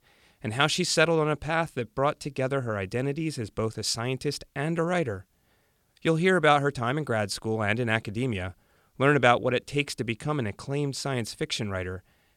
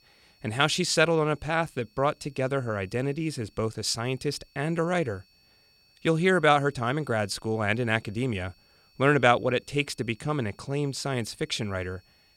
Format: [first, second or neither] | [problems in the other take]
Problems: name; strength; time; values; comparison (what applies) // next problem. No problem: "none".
first | high-pitched whine; faint; throughout; 4.5 kHz, 35 dB below the speech